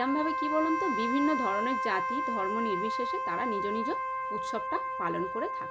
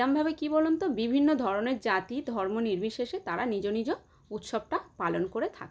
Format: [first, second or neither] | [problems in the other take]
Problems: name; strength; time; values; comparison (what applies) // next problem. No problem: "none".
second | background sound (Wind instrument, woodwind instrument); 1 dB above the speech